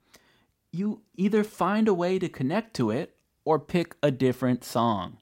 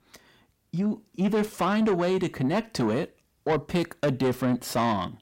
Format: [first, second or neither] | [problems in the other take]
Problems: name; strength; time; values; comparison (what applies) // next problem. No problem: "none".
first | distortion; slight; 10 dB below the speech